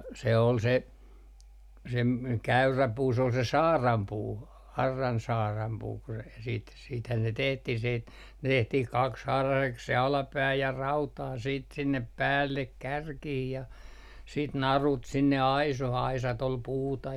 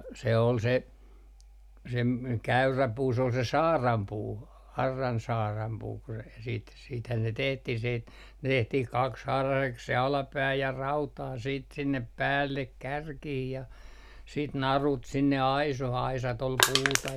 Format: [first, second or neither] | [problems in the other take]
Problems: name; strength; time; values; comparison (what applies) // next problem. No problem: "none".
first | background sound (Crushing); 3 dB above the speech